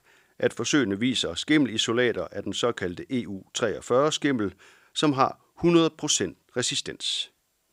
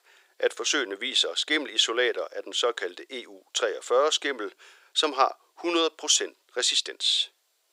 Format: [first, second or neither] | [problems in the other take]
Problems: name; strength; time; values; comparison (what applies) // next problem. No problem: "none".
first | thin; very; fading below 400 Hz